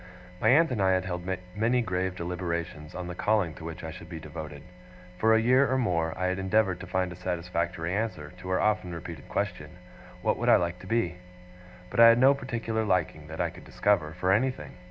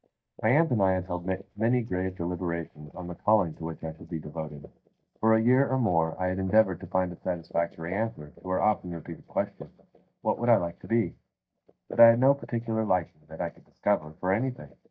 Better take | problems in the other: first | noise reduction (neural mask model DeepFilterNet 3)

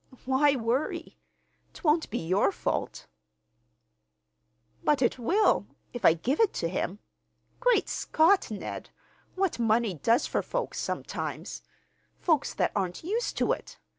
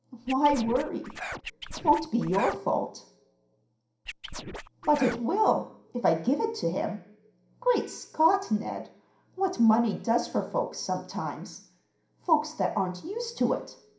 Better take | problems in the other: first | background sound (Scratching (performance technique)); 10 dB below the speech // room echo; dies away in 0.5 s

